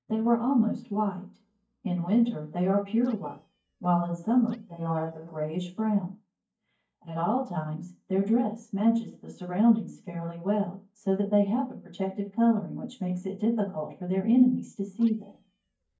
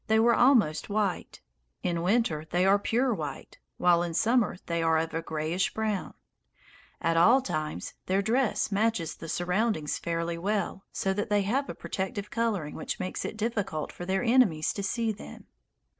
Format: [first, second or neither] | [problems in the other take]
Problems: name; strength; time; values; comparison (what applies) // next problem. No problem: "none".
second | noise reduction (neural mask model DeepFilterNet 3)